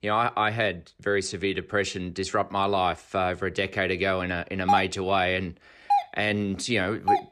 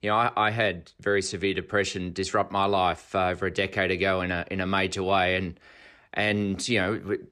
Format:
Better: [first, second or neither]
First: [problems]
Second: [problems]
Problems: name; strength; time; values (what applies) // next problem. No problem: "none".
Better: second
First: doorbell; loud; from 4.5 s on; peak 1 dB above the speech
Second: none